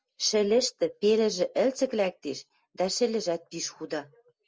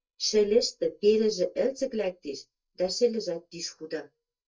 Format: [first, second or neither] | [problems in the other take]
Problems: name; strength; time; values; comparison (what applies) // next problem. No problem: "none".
first | noise reduction (neural mask model DeepFilterNet 3)